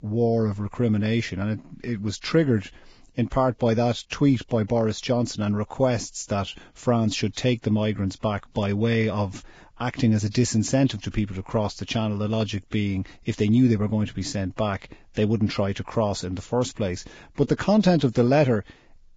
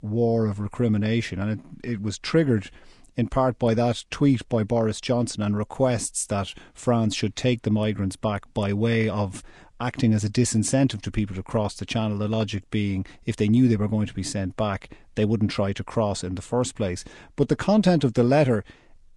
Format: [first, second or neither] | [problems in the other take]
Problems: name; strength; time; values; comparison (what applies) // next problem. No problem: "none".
second | garbled, watery; badly; nothing above 7.5 kHz; slightly in the second